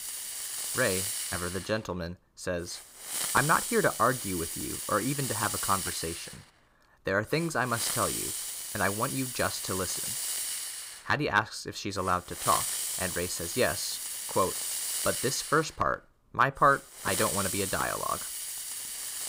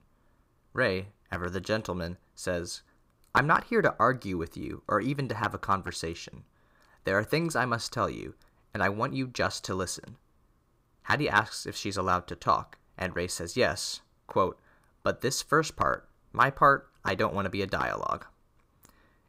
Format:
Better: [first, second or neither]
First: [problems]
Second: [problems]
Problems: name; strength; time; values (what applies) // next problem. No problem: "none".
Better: second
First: hiss; loud; throughout; 2 dB below the speech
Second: none